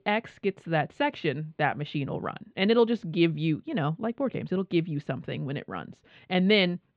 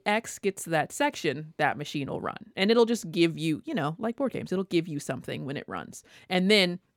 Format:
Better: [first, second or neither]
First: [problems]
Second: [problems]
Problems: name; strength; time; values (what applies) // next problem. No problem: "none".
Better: second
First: muffled; slightly; fading above 3.5 kHz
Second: none